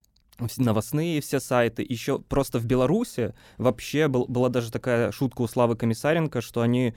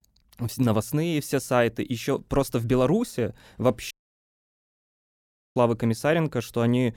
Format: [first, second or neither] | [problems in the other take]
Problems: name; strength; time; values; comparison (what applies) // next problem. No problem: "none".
first | audio cutting out; at 4 s for 1.5 s